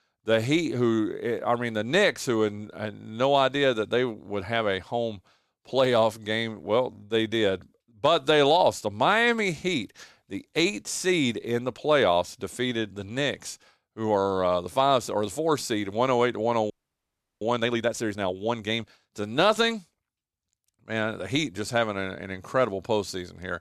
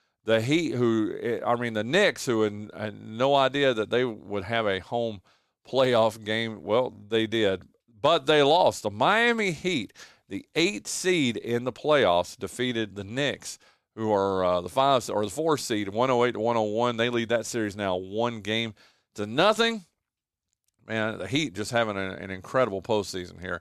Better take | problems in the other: second | audio freezing; at 17 s for 0.5 s

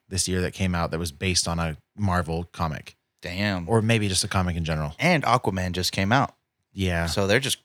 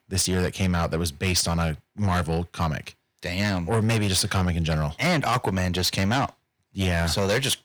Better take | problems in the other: first | distortion; heavy; 7 dB below the speech

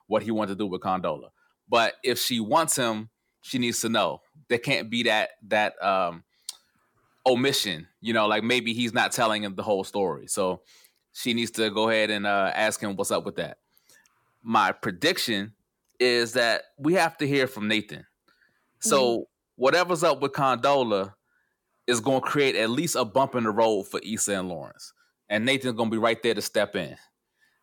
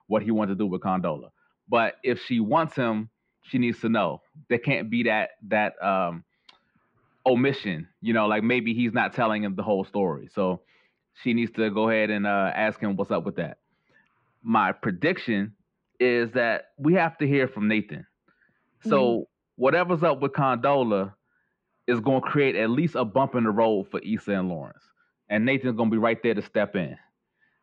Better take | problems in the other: first | muffled; very; fading above 2.5 kHz

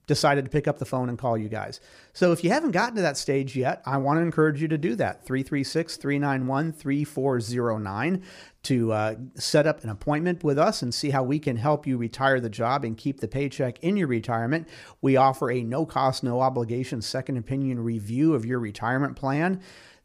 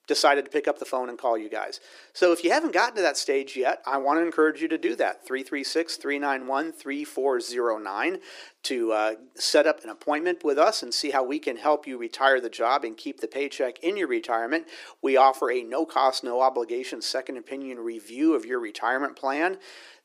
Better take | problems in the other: first | thin; somewhat; fading below 350 Hz

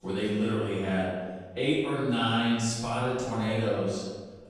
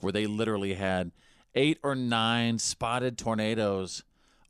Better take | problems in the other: second | room echo; strong; dies away in 1.3 s // off-mic speech; far

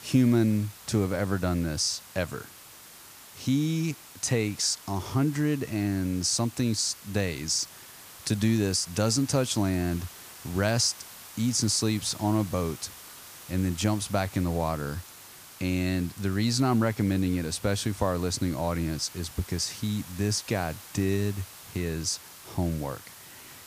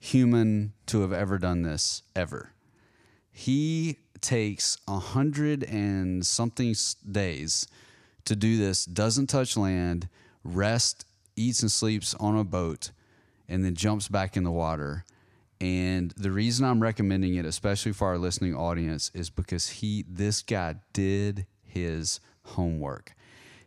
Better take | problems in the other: second | hiss; noticeable; throughout; 15 dB below the speech

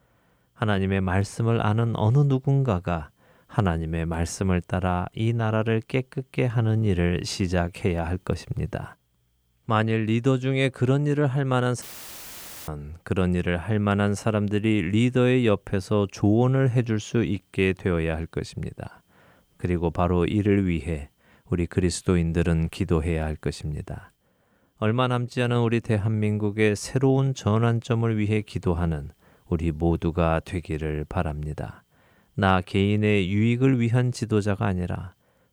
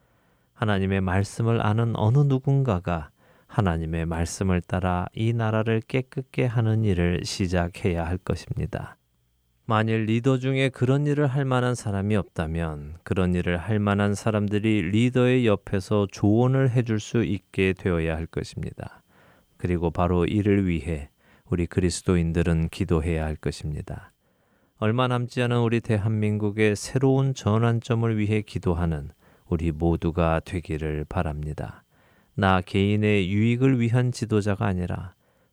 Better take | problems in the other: second | audio cutting out; filled with static; at 12 s for 1 s

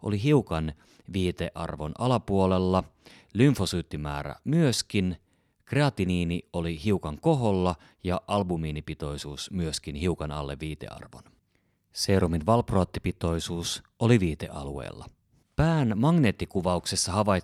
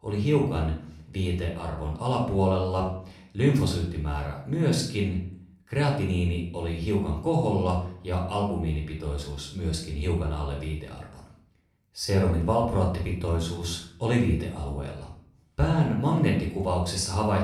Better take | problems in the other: first | off-mic speech; somewhat distant // room echo; noticeable; dies away in 0.5 s

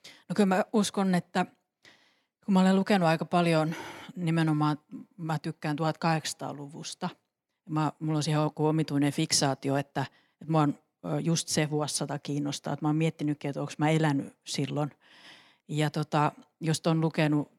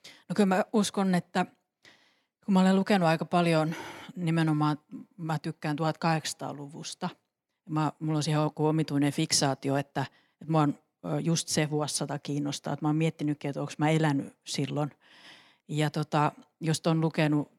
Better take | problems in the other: neither | none

